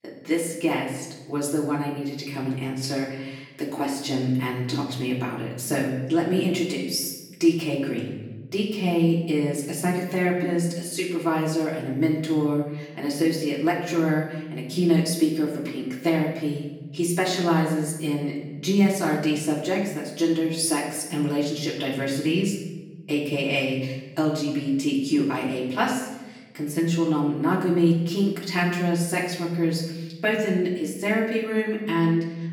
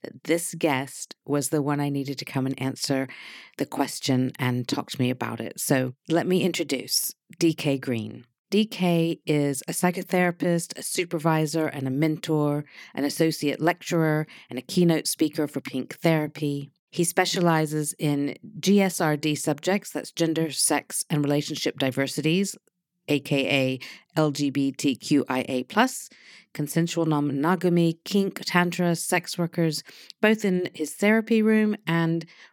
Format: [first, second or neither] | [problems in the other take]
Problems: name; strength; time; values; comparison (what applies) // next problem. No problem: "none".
second | off-mic speech; far // room echo; noticeable; dies away in 1.1 s